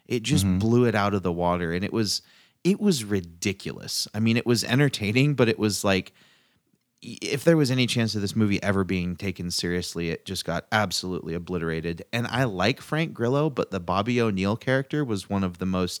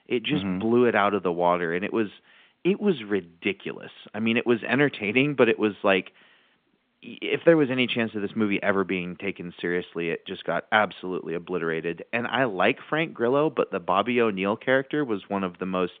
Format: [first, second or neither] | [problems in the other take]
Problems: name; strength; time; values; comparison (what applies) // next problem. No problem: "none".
first | phone-call audio